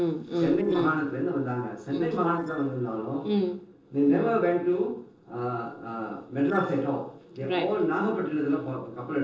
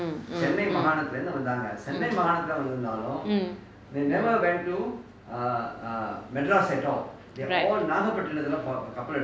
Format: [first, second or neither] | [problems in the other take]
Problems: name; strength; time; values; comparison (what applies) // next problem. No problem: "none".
second | noise reduction (neural separator model SepFormer DNS4)